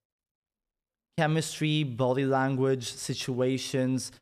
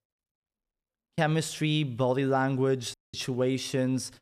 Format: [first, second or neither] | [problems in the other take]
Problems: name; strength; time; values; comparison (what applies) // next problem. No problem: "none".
first | audio cutting out; at 3 s